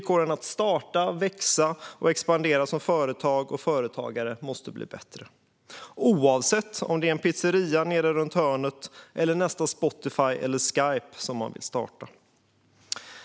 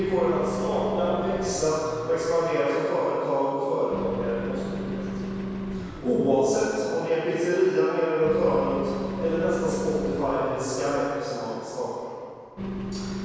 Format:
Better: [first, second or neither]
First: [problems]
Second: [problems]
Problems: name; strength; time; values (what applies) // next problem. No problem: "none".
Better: first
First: none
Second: background sound (Engine); 8 dB below the speech // room echo; dies away in 2.2 s